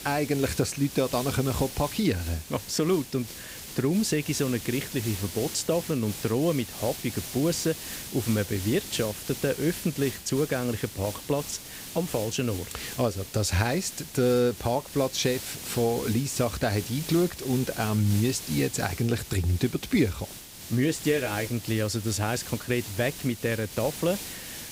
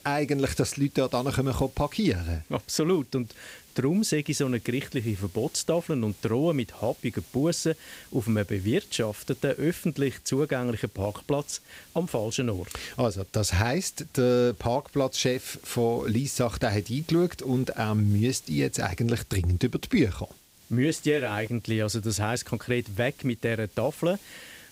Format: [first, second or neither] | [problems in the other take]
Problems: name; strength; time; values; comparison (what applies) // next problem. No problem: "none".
second | hiss; loud; throughout; 10 dB below the speech; faint in the second